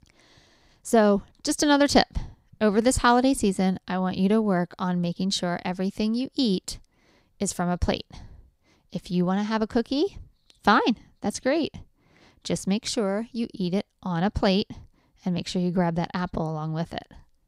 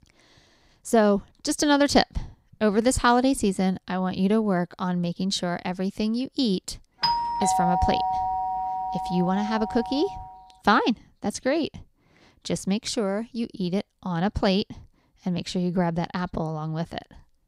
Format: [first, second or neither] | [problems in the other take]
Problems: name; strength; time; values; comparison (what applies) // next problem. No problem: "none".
first | doorbell; loud; from 7 to 10 s; peak 2 dB above the speech